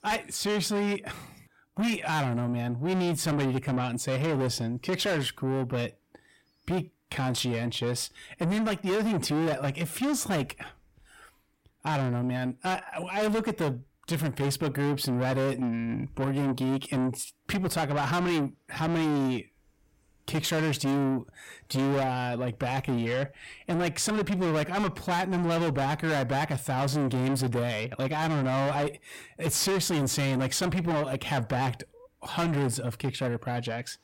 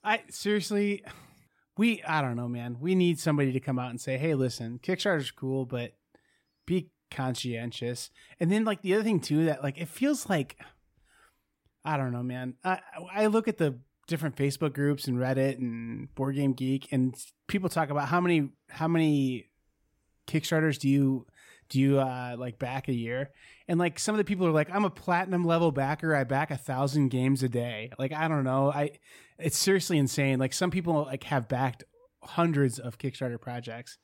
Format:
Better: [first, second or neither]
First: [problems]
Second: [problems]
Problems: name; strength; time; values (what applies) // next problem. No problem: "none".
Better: second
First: distortion; heavy; 6 dB below the speech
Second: none